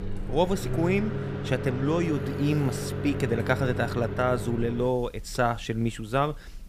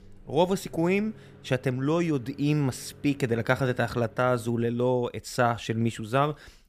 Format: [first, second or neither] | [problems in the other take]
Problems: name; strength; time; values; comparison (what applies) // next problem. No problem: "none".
second | household noises; loud; throughout; 5 dB below the speech; faint in the second